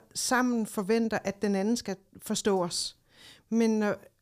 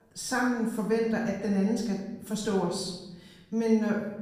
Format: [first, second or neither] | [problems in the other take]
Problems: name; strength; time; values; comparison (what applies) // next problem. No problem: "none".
first | off-mic speech; far // room echo; noticeable; dies away in 1.3 s